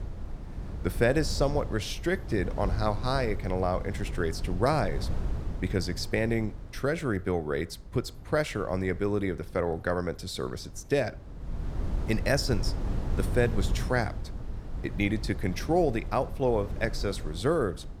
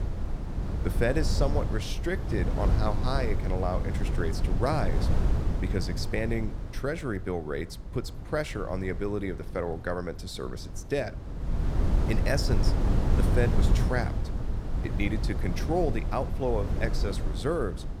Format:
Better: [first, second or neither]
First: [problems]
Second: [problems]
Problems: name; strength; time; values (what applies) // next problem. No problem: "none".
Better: first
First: wind noise on the microphone; occasional gusts; 15 dB below the speech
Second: wind noise on the microphone; heavy; 7 dB below the speech